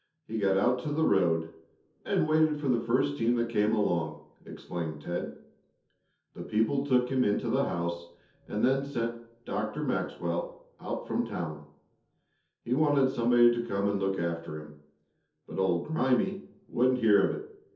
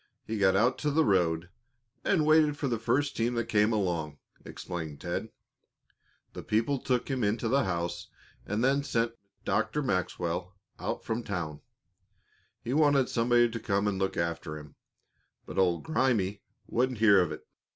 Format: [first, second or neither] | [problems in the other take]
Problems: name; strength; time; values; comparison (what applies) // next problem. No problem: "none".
second | room echo; dies away in 0.5 s